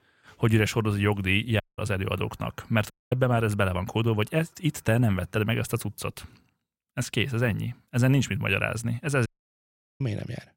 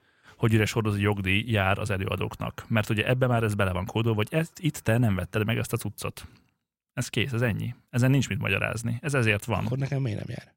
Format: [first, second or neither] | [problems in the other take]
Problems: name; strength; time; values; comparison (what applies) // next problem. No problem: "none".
second | audio cutting out; at 1.5 s, at 3 s and at 9.5 s for 0.5 s